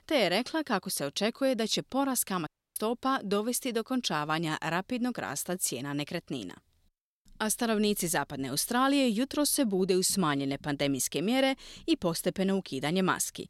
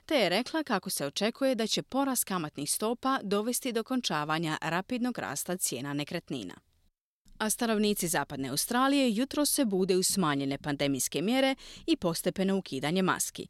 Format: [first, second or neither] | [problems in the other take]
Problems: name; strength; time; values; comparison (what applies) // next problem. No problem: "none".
second | audio cutting out; at 2.5 s